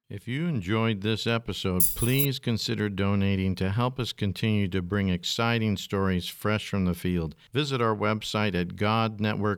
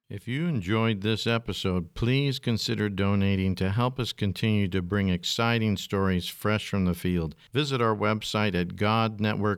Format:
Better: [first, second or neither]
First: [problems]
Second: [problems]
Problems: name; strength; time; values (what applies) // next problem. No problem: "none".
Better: second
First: jangling keys; loud; at 2 s; peak 5 dB above the speech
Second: none